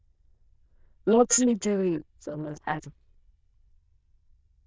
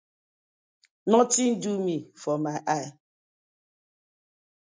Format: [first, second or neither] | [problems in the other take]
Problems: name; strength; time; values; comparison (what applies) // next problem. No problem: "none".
second | noise reduction (neural diffusion model UNIVERSE++)